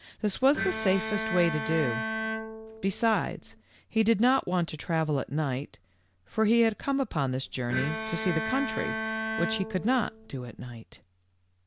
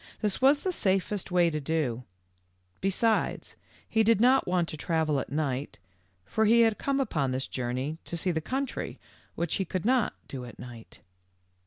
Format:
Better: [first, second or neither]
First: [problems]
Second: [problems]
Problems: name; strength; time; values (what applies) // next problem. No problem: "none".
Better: second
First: background sound (Bowed string instrument); 5 dB below the speech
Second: none